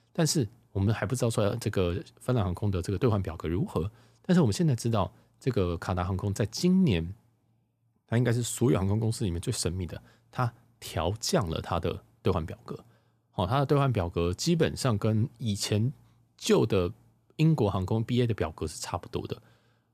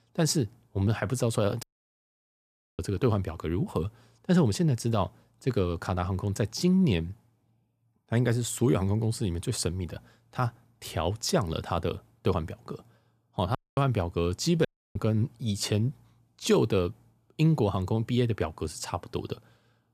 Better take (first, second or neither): first